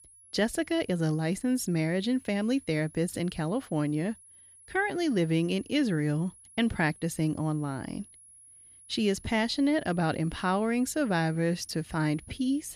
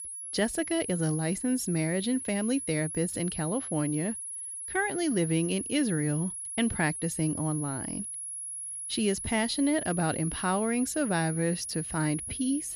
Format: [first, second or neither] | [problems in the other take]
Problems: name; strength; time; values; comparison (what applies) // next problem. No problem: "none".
first | high-pitched whine; loud; throughout; 10.5 kHz, 5 dB below the speech; faint in the first